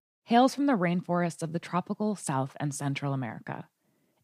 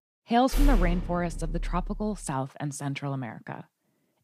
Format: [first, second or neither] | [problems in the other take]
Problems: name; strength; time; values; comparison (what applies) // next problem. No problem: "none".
first | door banging; loud; from 0.5 to 2 s; peak 2 dB above the speech